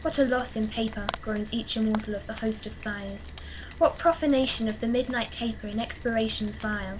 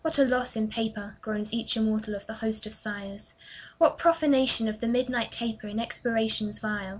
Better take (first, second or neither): second